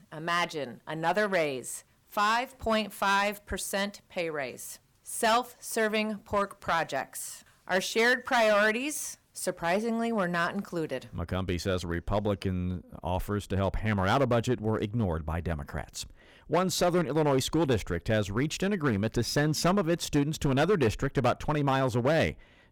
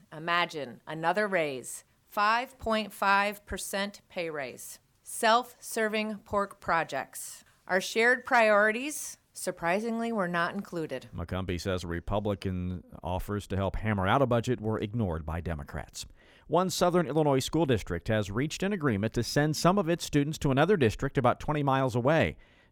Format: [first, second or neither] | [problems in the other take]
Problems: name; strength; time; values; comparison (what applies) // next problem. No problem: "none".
second | distortion; slight; 4% of the sound clipped